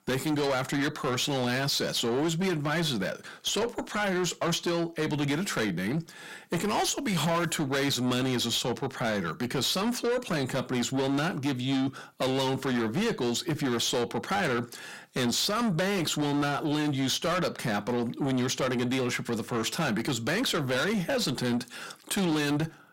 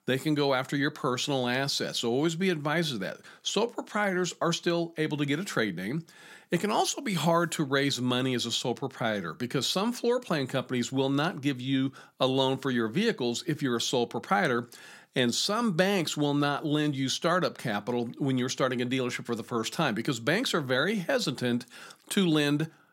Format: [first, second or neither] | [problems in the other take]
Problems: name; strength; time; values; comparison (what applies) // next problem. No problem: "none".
second | distortion; heavy; 7 dB below the speech